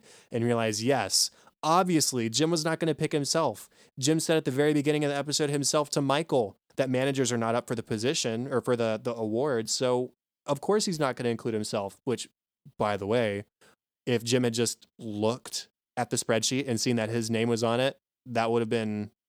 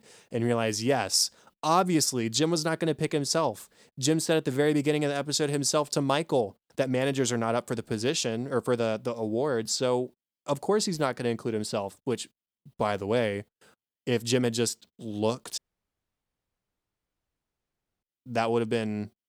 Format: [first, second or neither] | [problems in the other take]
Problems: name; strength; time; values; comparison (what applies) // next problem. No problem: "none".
first | audio cutting out; at 16 s for 2.5 s